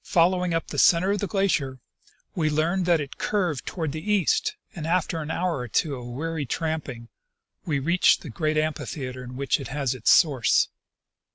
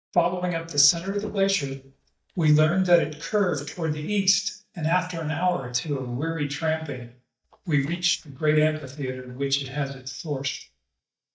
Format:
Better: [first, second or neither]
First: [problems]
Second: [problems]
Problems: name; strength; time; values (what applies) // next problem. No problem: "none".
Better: first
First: none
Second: noise reduction (neural mask model DeepFilterNet 3)